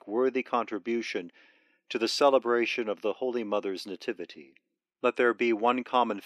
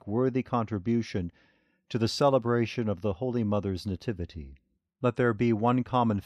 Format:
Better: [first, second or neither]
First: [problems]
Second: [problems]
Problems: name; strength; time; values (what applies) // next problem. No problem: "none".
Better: second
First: thin; somewhat; fading below 300 Hz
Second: none